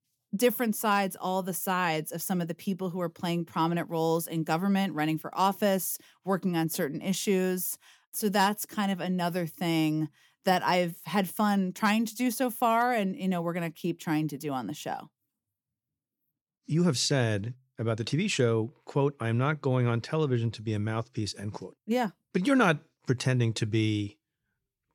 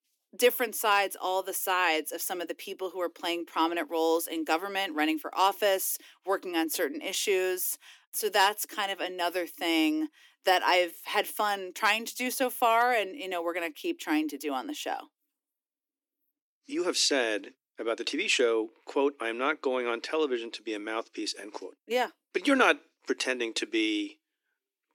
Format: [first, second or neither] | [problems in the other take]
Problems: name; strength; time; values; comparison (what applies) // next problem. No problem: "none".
first | thin; somewhat; fading below 300 Hz